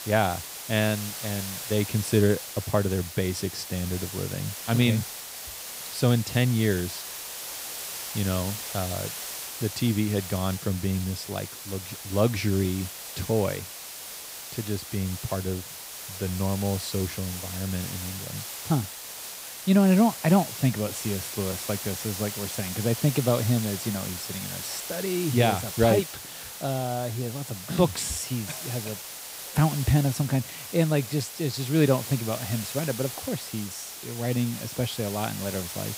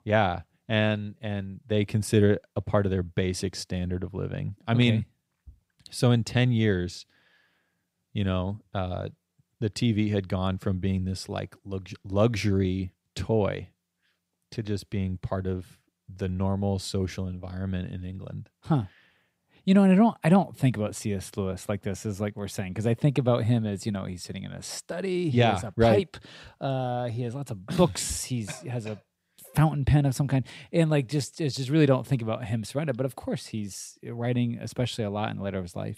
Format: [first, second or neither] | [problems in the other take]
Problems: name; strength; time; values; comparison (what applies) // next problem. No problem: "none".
second | hiss; loud; throughout; 7 dB below the speech